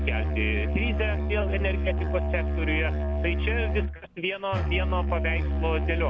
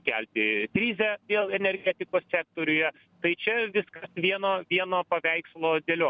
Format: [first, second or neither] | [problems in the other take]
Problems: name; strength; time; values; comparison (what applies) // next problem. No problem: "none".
second | background sound (Musical instrument); 4 dB above the speech